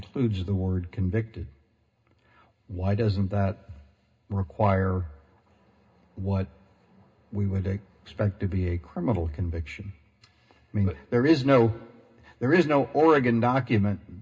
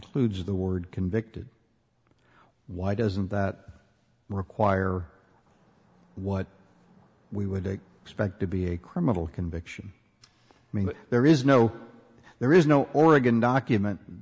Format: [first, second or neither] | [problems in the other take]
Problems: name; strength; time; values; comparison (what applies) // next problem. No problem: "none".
second | room echo; dies away in 0.2 s